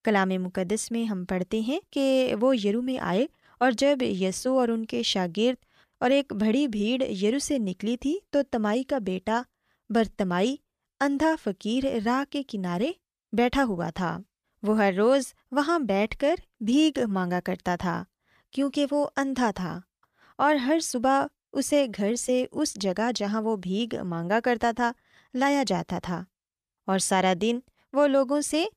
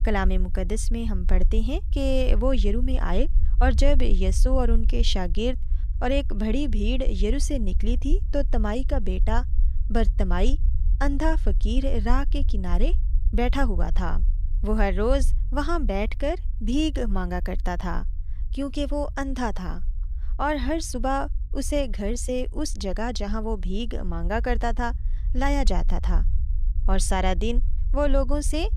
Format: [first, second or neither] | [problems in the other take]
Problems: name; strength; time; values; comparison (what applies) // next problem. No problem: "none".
first | low rumble; faint; throughout; 20 dB below the speech